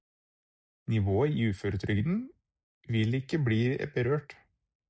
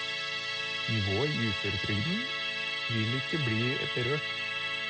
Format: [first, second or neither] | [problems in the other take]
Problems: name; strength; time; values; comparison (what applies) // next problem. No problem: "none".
first | background sound (Musical instrument); 1 dB above the speech